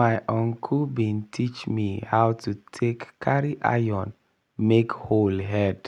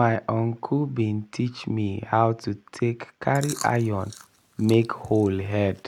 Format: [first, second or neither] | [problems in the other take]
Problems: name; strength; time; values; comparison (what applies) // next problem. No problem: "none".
first | background sound (Chewing, mastication); 18 dB below the speech